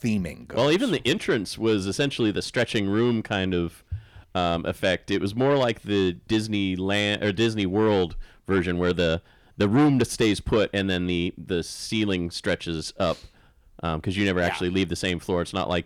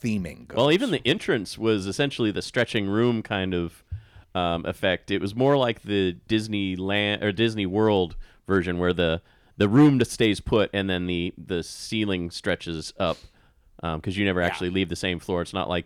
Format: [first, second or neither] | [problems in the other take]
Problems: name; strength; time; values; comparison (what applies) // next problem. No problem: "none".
second | distortion; slight; 10 dB below the speech